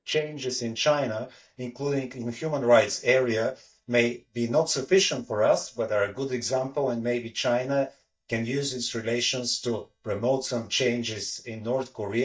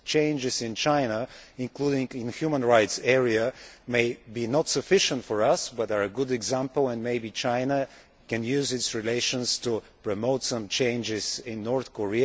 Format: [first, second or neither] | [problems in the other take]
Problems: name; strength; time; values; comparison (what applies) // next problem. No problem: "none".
second | noise reduction (neural mask model DeepFilterNet 3)